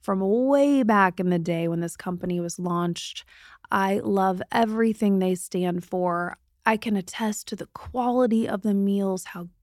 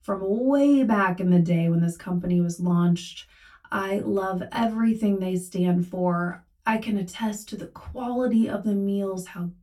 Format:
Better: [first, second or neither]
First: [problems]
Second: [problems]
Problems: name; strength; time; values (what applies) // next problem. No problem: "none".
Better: first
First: none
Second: off-mic speech; far // room echo; very slight; dies away in 0.2 s